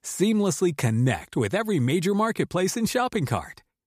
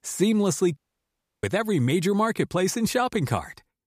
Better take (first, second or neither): first